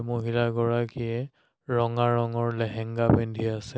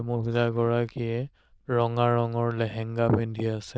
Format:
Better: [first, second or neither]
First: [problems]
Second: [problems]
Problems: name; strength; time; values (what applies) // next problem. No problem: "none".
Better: first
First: none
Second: noise reduction (neural diffusion model UNIVERSE++)